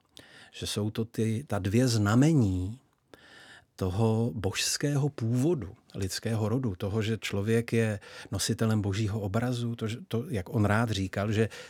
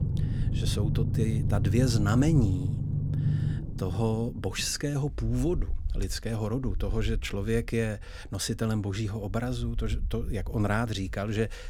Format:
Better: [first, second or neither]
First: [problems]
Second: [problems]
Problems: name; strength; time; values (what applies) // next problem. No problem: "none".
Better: first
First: none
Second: low rumble; loud; throughout; 8 dB below the speech